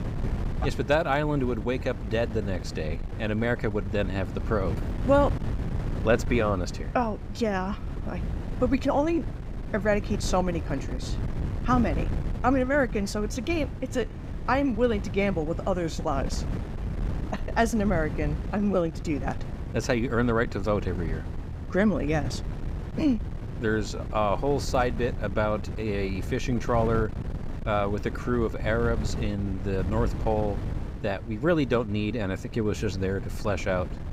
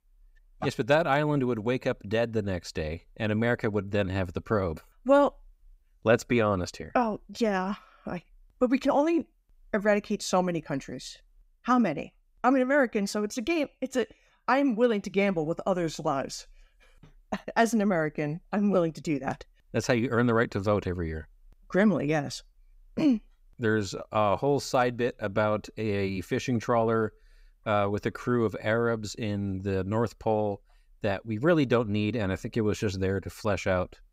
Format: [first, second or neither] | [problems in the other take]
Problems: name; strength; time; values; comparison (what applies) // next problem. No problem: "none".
second | wind noise on the microphone; occasional gusts; 15 dB below the speech